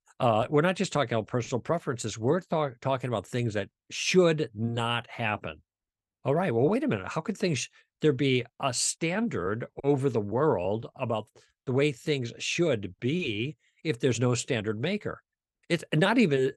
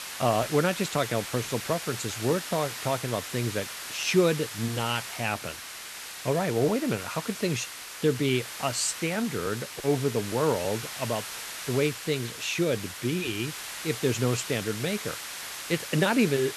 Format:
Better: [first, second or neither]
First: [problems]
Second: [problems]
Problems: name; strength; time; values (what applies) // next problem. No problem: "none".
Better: first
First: none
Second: hiss; loud; throughout; 7 dB below the speech